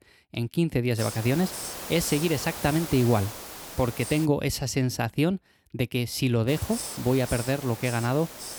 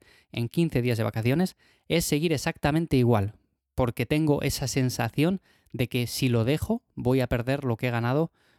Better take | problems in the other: second | hiss; loud; from 1 to 4.5 s and from 6.5 s on; 9 dB below the speech

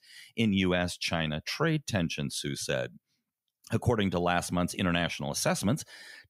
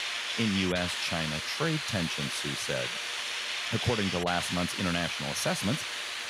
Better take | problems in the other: first | hiss; loud; throughout; as loud as the speech

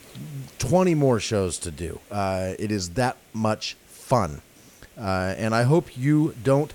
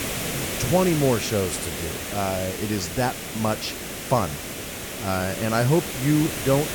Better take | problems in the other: first | hiss; loud; throughout; 5 dB below the speech; faint in the first

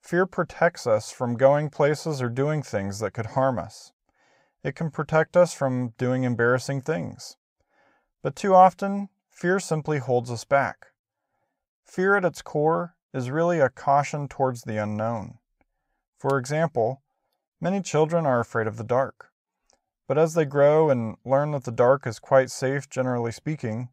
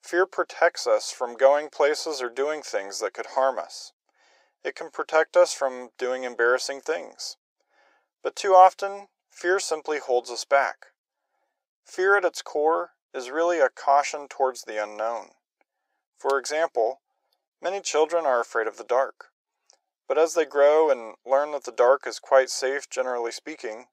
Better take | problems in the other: first | thin; very; fading below 350 Hz

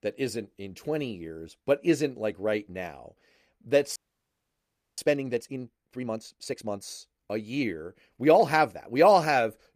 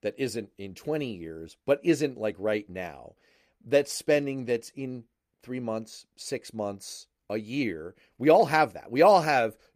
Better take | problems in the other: second | audio freezing; at 4 s for 1 s

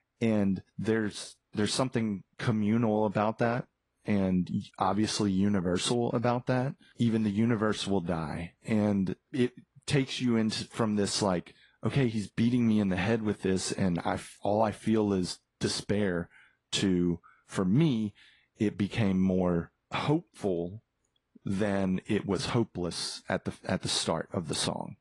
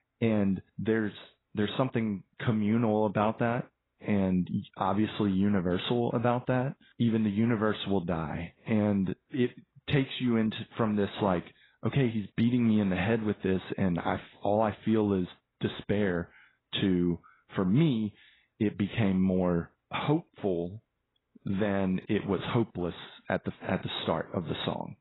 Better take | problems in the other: first | garbled, watery; badly; nothing above 4 kHz; slightly in the first

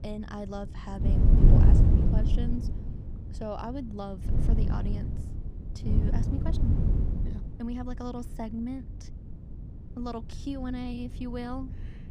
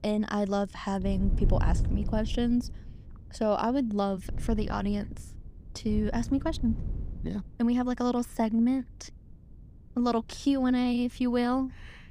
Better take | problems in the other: second | wind noise on the microphone; heavy; 1 dB above the speech; occasional gusts in the second

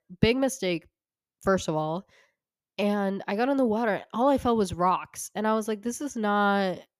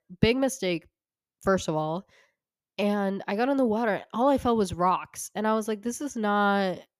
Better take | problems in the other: neither | none

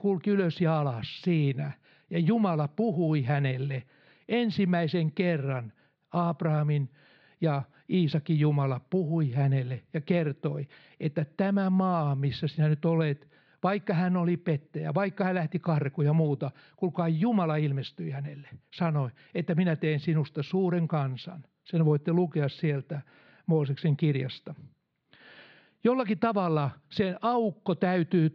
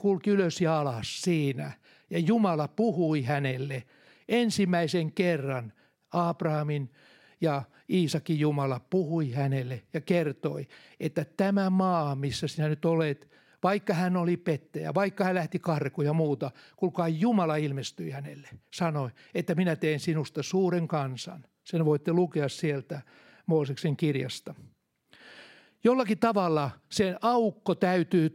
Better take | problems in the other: second | muffled; very slightly; fading above 4 kHz

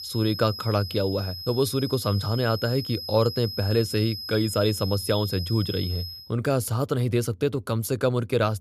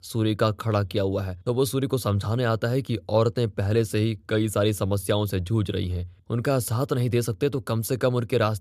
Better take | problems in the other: second | high-pitched whine; loud; until 6 s; 5 kHz, 8 dB below the speech

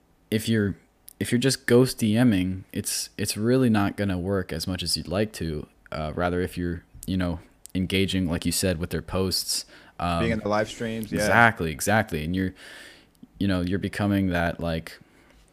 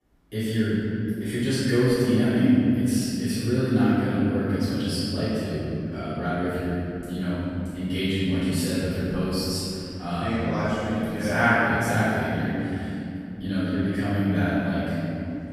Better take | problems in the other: first | off-mic speech; far // room echo; strong; dies away in 3 s

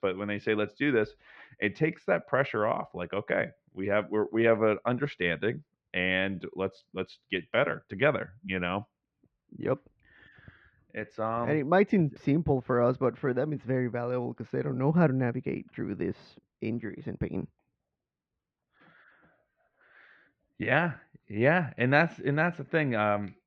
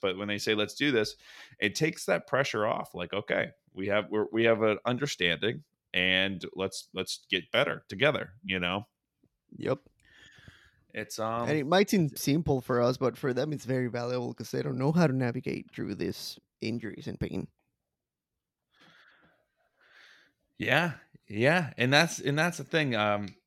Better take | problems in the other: second | muffled; very; fading above 2 kHz

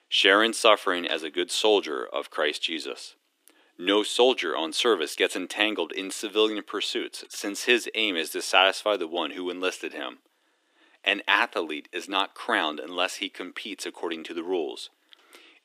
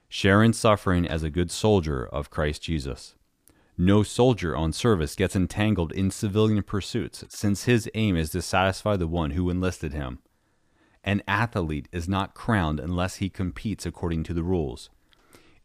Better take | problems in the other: second | thin; very; fading below 300 Hz

